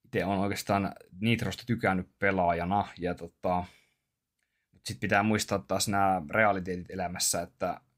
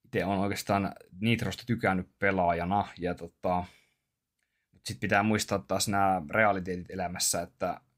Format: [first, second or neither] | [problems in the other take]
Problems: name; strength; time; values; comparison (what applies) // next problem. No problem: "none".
neither | none